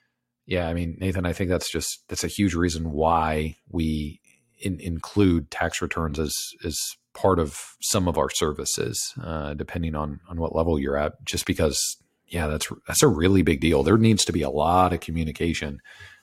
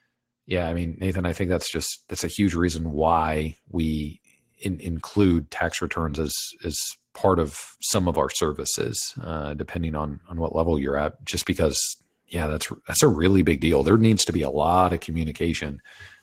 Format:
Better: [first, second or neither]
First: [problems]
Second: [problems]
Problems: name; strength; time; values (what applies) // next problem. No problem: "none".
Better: first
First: none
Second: garbled, watery; slightly; nothing above 16 kHz